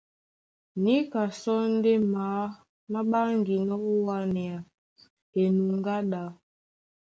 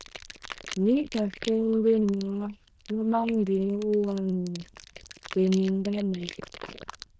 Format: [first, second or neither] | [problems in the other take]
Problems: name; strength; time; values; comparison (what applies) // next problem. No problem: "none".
first | noise reduction (neural diffusion model UNIVERSE++)